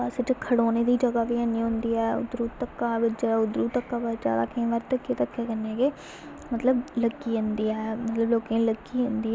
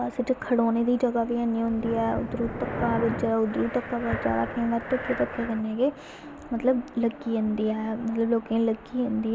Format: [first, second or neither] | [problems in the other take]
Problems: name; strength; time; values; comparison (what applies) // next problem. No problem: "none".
first | background sound (Breathing); 8 dB below the speech // room echo; dies away in 1.1 s